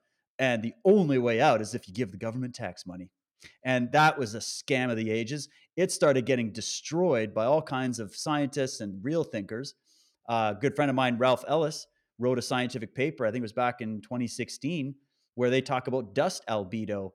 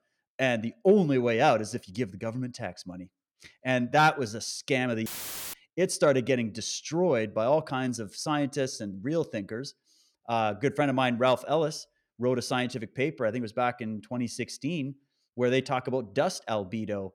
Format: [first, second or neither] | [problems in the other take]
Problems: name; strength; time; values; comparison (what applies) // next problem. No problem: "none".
first | audio cutting out; filled with static; at 5 s